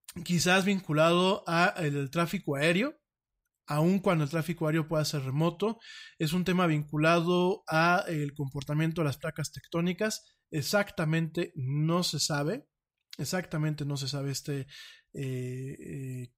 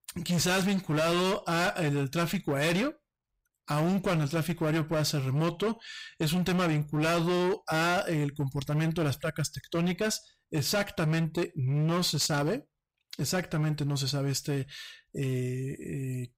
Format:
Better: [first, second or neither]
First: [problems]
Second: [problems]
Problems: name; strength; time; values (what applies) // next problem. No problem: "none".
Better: first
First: none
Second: distortion; heavy; 19% of the sound clipped